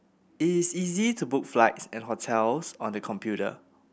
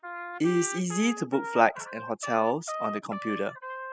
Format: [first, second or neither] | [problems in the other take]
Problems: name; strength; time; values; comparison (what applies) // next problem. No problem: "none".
first | noise reduction (classical method spectral subtraction)